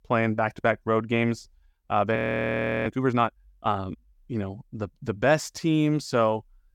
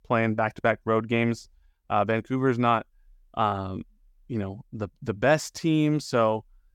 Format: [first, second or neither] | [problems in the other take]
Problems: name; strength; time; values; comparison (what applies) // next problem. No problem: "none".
second | audio freezing; at 2 s for 0.5 s